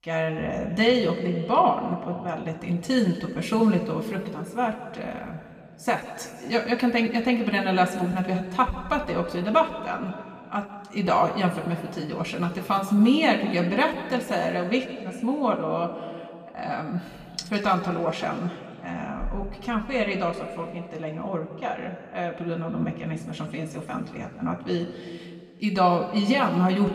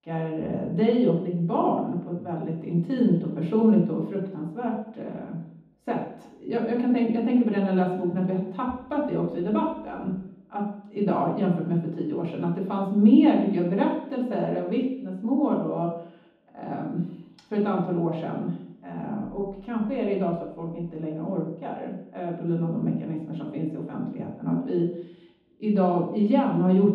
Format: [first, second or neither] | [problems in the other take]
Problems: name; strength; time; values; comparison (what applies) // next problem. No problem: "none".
first | room echo; strong; dies away in 0.9 s; slight in the first // off-mic speech; far; somewhat distant in the first